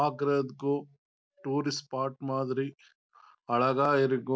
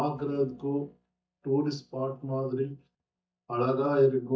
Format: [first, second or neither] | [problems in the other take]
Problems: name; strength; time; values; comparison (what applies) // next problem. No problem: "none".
first | noise reduction (neural mask model DeepFilterNet 3)